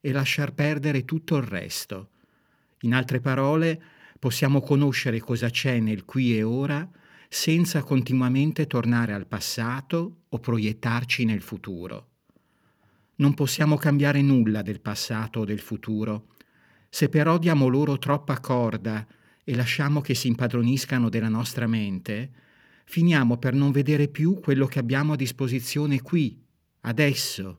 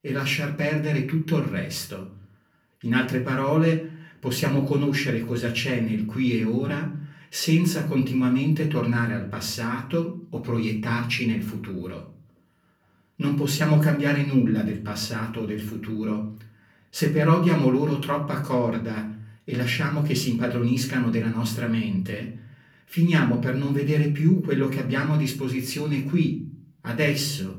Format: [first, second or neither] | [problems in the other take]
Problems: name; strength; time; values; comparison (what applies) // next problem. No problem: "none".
first | off-mic speech; far // room echo; slight; dies away in 0.4 s